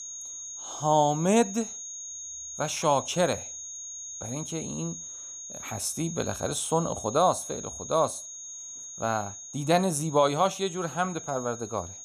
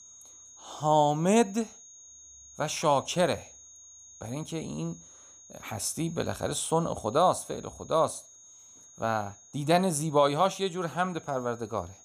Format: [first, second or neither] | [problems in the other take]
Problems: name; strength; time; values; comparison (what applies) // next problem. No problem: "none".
second | high-pitched whine; loud; throughout; 6.5 kHz, 10 dB below the speech; faint in the second